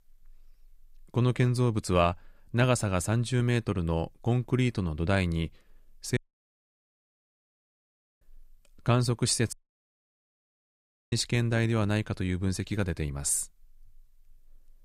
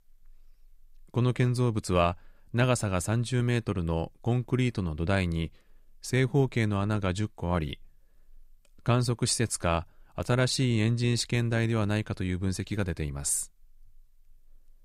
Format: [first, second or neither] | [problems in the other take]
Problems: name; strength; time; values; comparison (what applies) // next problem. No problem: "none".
second | audio cutting out; at 6 s for 2 s and at 9.5 s for 1.5 s